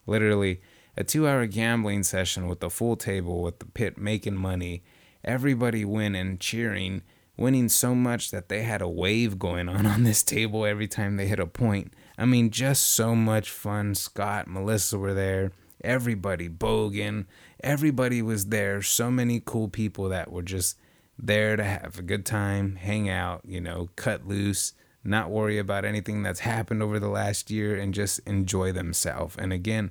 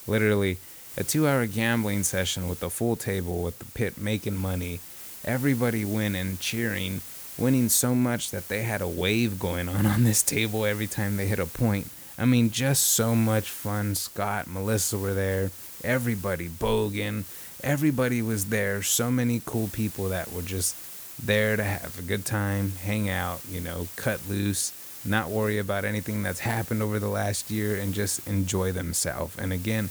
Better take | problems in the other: first | hiss; noticeable; throughout; 10 dB below the speech

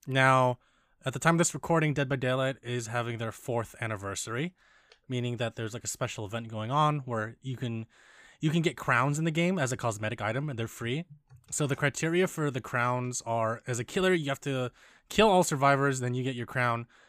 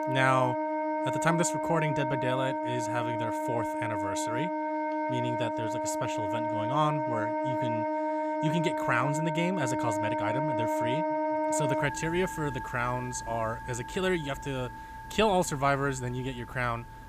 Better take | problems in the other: first | background music; very loud; throughout; as loud as the speech

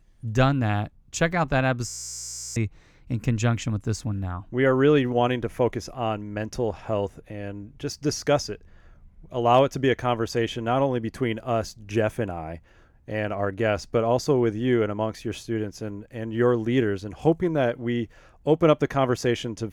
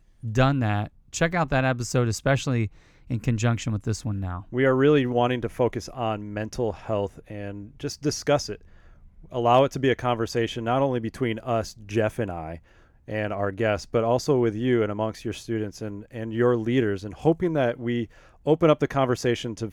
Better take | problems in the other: second | audio freezing; at 2 s for 0.5 s

